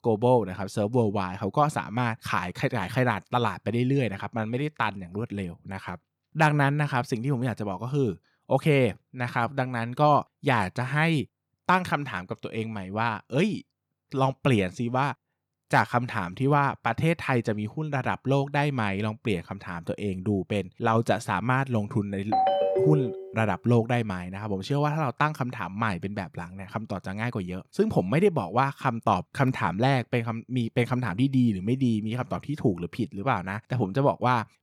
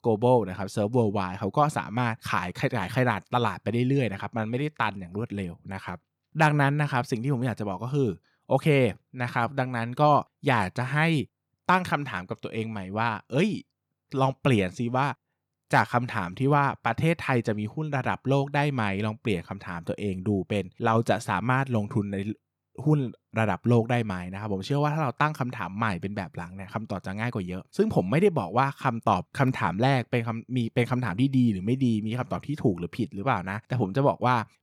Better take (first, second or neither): second